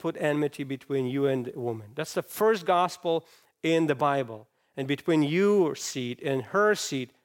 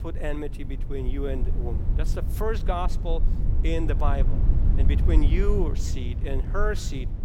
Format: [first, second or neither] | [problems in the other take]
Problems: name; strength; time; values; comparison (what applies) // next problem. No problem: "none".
first | low rumble; loud; throughout; 10 dB below the speech